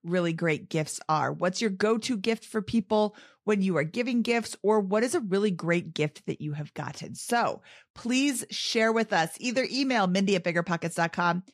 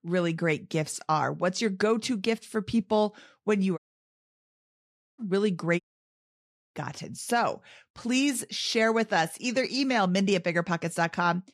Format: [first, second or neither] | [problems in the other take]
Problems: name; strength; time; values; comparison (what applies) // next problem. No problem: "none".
first | audio cutting out; at 4 s for 1.5 s and at 6 s for 1 s